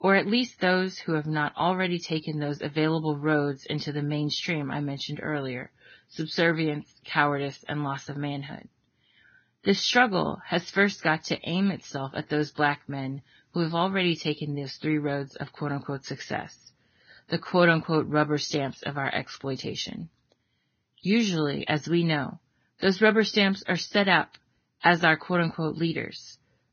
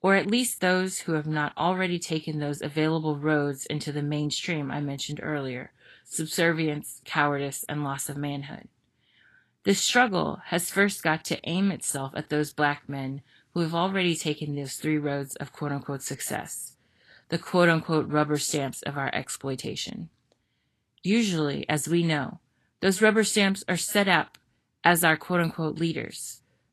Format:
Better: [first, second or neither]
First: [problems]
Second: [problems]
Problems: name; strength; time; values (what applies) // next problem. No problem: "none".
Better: second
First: garbled, watery; badly; nothing above 6.5 kHz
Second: garbled, watery; slightly; nothing above 12.5 kHz